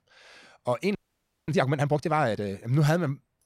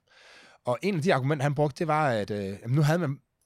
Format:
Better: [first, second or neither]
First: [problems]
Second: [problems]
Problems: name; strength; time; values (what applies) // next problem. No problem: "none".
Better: second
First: audio freezing; at 1 s for 0.5 s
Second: none